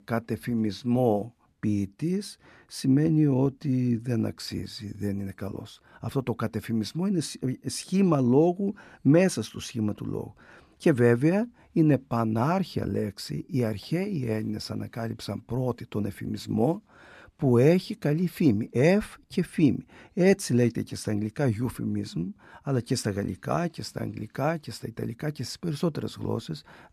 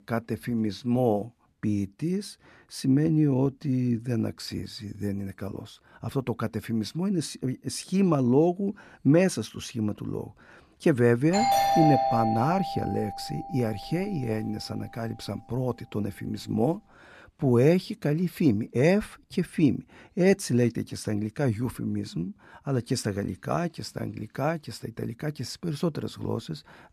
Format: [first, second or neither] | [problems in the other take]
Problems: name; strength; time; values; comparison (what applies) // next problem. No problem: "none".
first | doorbell; loud; from 11 to 14 s; peak 5 dB above the speech